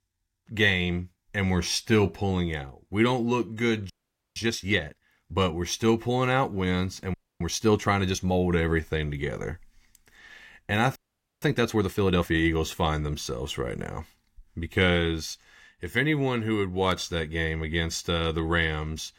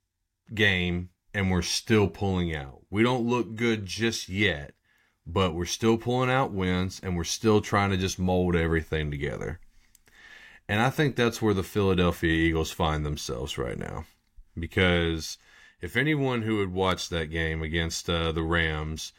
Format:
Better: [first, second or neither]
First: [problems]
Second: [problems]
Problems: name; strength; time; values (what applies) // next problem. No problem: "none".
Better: second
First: audio freezing; at 4 s, at 7 s and at 11 s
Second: none